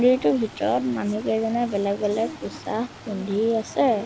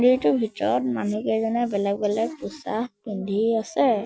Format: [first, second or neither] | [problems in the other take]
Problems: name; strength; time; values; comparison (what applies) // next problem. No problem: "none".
second | background sound (Stream); 18 dB below the speech